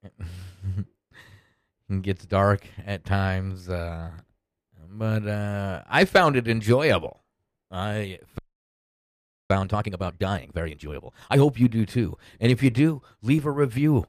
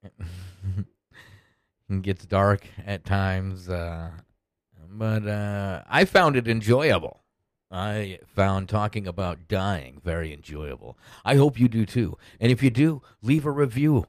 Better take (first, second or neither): second